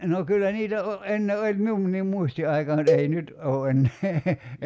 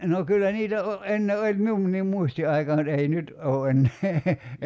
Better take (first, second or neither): second